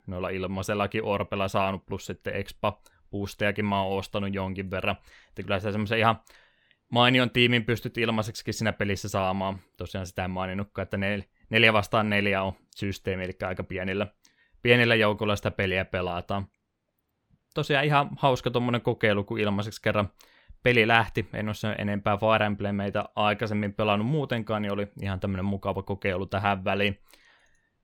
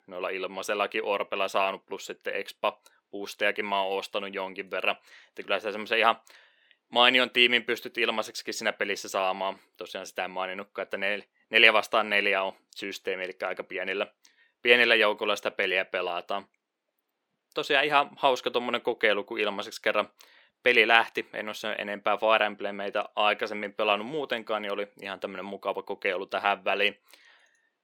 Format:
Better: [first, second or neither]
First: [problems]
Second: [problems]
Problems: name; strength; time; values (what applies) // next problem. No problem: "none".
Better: first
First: none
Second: thin; somewhat; fading below 350 Hz